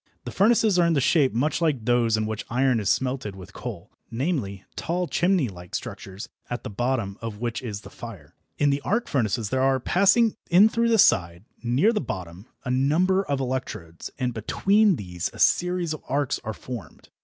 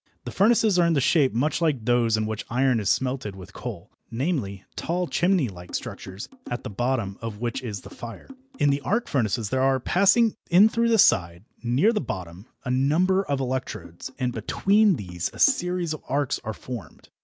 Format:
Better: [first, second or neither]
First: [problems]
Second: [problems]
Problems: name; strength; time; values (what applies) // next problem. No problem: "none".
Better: first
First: none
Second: background sound (Drum); 19 dB below the speech